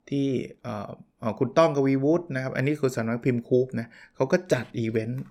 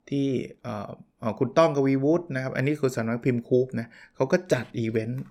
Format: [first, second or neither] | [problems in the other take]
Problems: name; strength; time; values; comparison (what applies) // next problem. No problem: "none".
neither | none